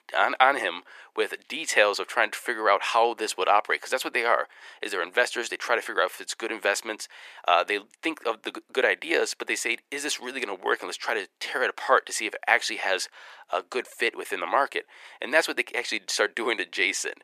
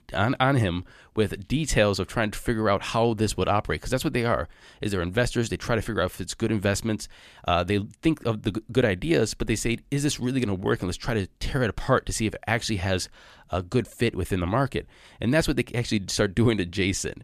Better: second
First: thin; very; fading below 400 Hz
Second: none

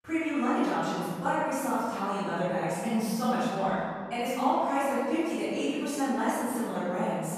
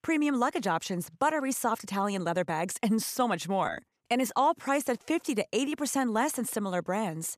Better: second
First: room echo; strong; dies away in 1.9 s // off-mic speech; far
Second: none

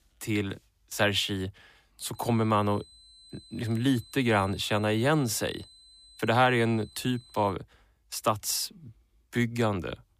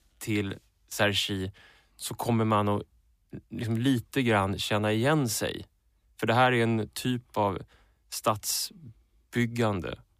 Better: second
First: high-pitched whine; faint; from 2 to 7.5 s; 4 kHz, 25 dB below the speech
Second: none

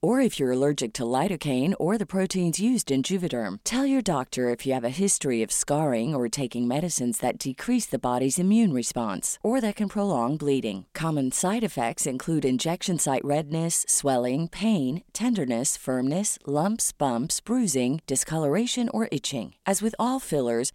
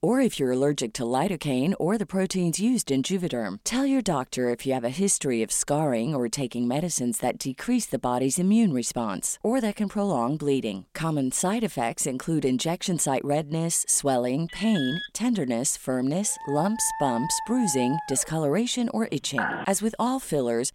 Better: first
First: none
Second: alarm; noticeable; at 14 s; peak 7 dB below the speech // dog barking; noticeable; from 16 to 18 s; peak 7 dB below the speech // phone ringing; noticeable; at 19 s; peak 3 dB below the speech

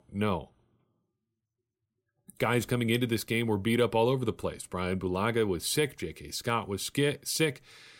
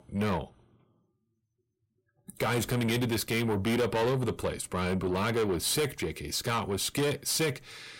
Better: first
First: none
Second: distortion; heavy; 7 dB below the speech

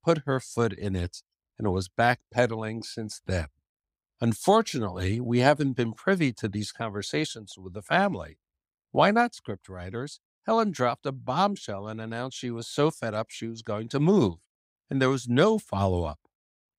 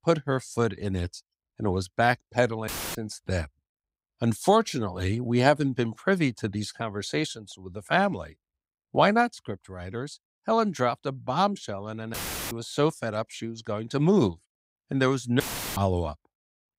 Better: first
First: none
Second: audio cutting out; filled with static; at 2.5 s, at 12 s and at 15 s

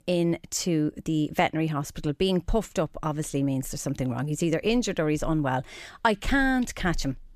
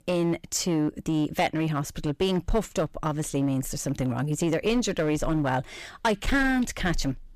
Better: first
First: none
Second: distortion; slight; 7% of the sound clipped

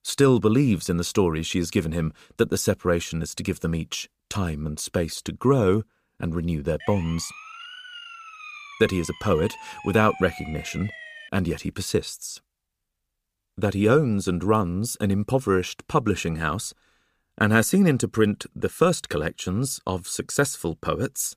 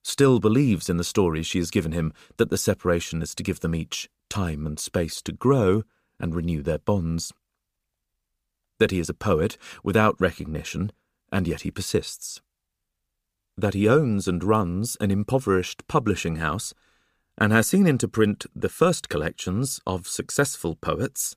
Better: second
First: siren; faint; from 7 to 11 s; peak 15 dB below the speech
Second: none

